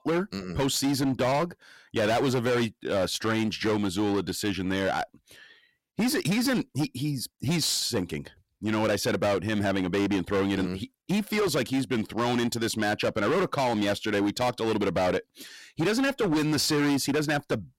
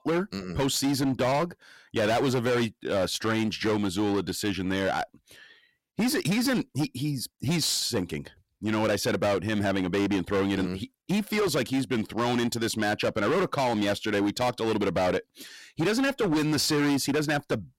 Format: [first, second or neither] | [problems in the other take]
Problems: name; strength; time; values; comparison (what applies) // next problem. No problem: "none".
neither | distortion; heavy; 18% of the sound clipped; the same in both